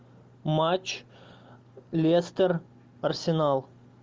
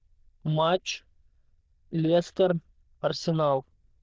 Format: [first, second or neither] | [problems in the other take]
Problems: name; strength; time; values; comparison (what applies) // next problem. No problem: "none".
first | noise reduction (neural diffusion model UNIVERSE++)